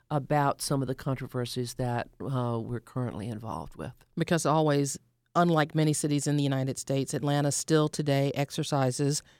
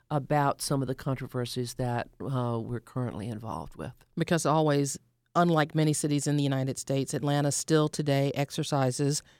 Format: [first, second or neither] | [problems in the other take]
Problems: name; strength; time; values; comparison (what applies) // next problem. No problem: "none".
neither | none